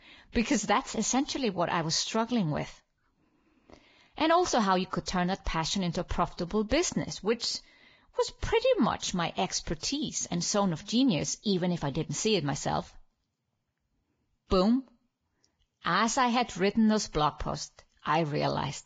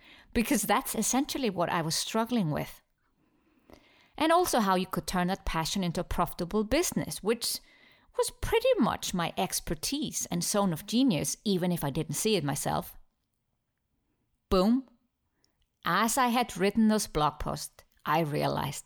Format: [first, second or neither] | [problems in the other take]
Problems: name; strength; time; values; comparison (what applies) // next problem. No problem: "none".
second | garbled, watery; badly; nothing above 7.5 kHz